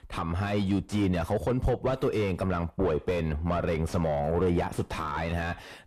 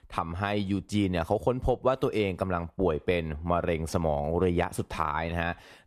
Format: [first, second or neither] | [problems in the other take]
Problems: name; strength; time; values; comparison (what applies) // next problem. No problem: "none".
second | distortion; heavy; 5 dB below the speech